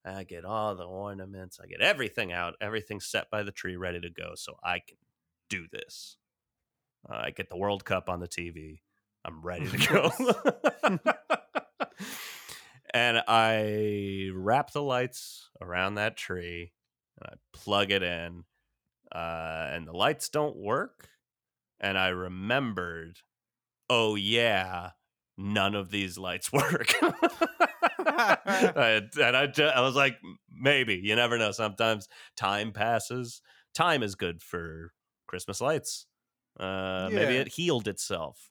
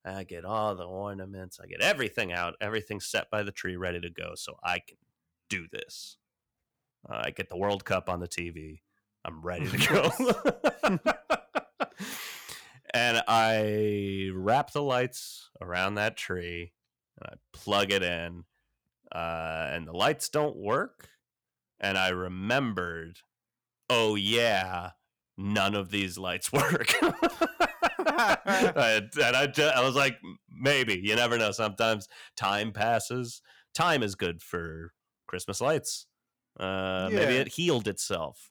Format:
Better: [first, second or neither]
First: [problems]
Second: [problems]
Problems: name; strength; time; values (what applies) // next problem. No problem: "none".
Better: first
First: none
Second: distortion; slight; 1.8% of the sound clipped